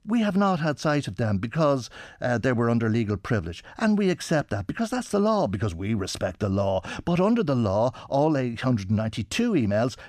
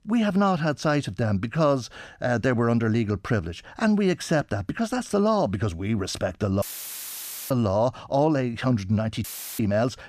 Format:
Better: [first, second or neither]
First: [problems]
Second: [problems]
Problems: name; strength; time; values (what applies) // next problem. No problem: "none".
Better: first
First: none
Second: audio cutting out; filled with static; at 6.5 s for 1 s and at 9 s